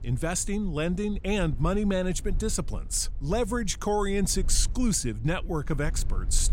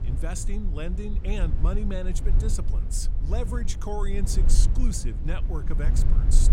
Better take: first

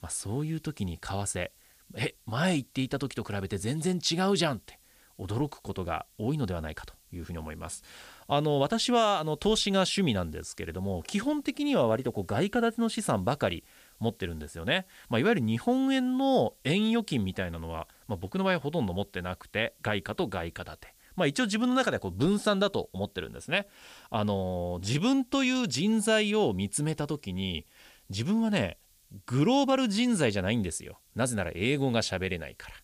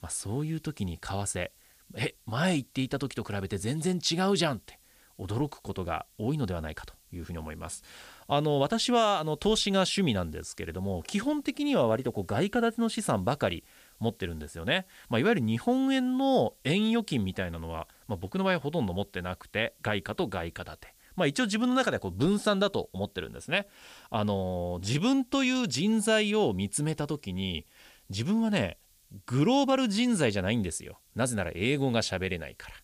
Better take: neither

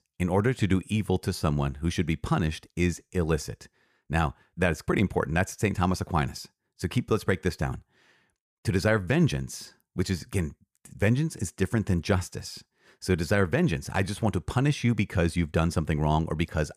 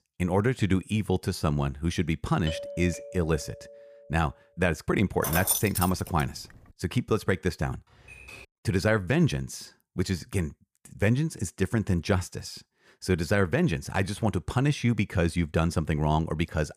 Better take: first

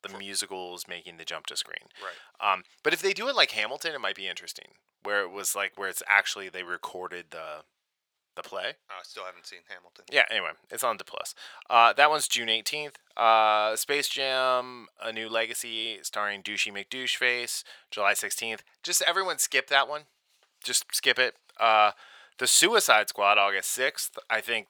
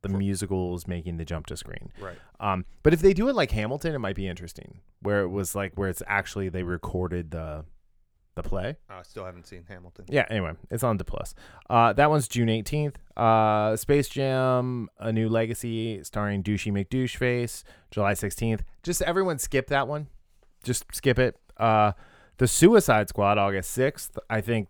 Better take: second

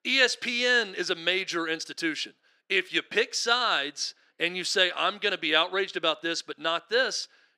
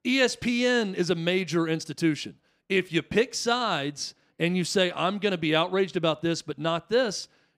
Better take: second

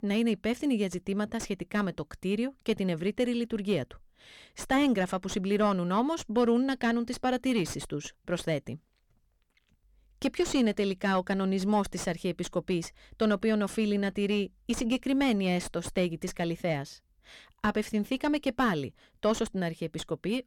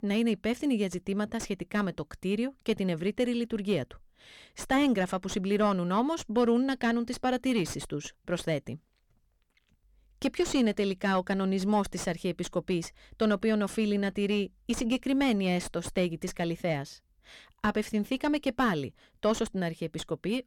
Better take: neither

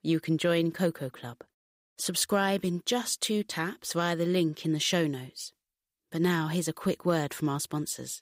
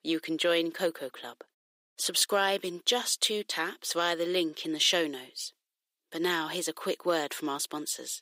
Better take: first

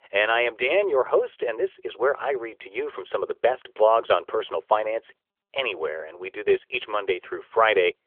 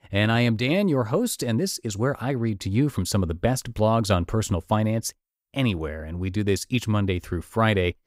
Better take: second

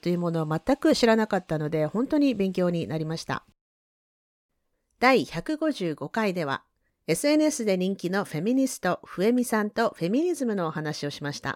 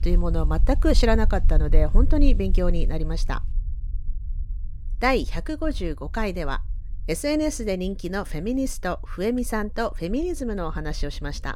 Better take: first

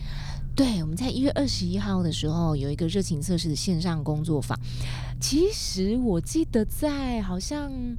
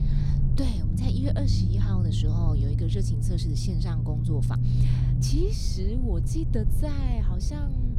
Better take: first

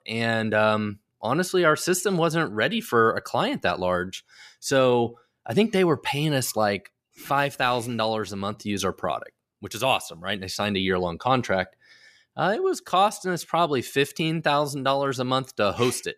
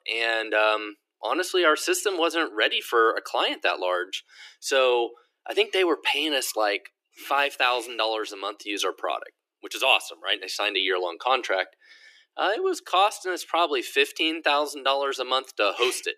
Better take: first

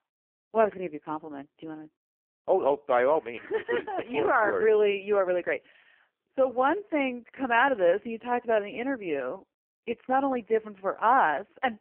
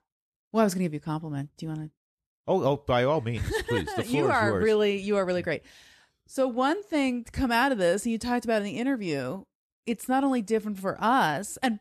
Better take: second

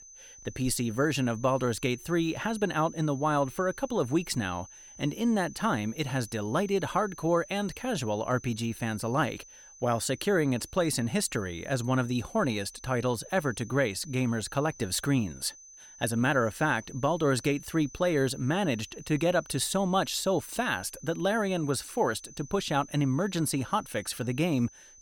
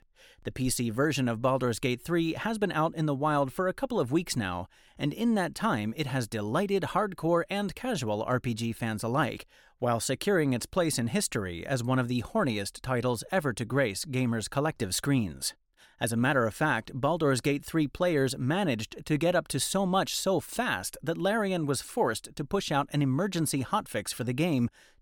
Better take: second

